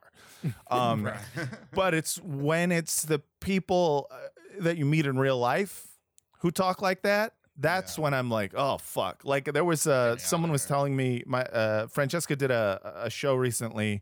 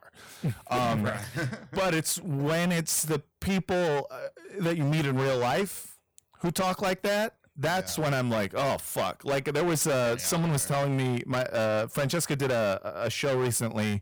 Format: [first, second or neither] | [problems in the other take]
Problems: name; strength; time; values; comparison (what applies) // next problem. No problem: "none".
first | distortion; heavy; 23% of the sound clipped